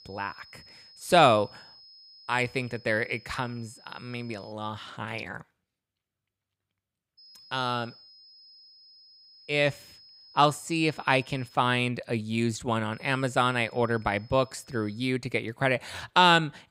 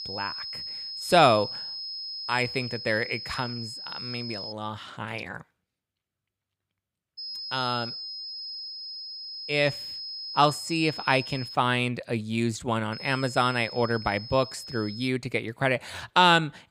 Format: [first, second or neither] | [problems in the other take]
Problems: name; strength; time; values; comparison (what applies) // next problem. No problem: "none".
first | high-pitched whine; loud; until 4.5 s, from 7 to 12 s and from 13 to 15 s; 5 kHz, 9 dB below the speech; faint in the first